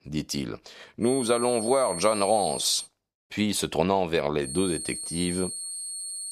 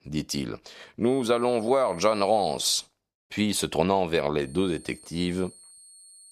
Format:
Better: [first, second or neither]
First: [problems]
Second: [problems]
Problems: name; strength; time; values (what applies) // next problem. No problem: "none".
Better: second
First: high-pitched whine; loud; from 1 to 3 s and from 4.5 s on; 8.5 kHz, 6 dB below the speech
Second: high-pitched whine; faint; from 1 to 3 s and from 4.5 s on; 8.5 kHz, 20 dB below the speech